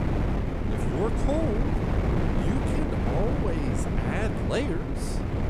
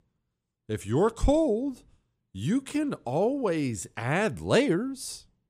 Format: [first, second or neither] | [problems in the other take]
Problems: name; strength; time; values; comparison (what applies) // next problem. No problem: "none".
second | wind noise on the microphone; heavy; as loud as the speech